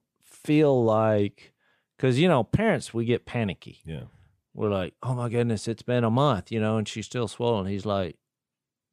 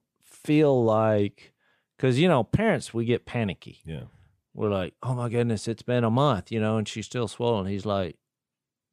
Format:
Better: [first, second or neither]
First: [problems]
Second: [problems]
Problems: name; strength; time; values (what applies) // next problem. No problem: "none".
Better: neither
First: none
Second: none